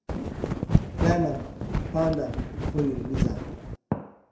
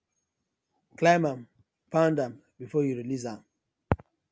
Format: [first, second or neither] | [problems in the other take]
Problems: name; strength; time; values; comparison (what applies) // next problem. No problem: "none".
second | background sound (Wind); 2 dB above the speech // room echo; dies away in 0.6 s